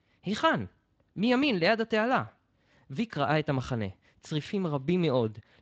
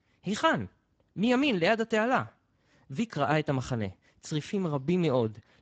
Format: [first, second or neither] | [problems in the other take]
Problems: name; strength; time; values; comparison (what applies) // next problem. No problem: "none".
first | garbled, watery; badly; nothing above 7.5 kHz; slightly in the first